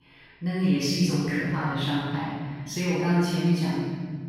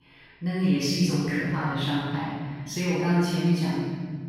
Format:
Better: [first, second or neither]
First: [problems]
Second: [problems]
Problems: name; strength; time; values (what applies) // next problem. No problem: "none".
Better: neither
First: off-mic speech; far // room echo; strong; dies away in 2.1 s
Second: off-mic speech; far // room echo; strong; dies away in 2.1 s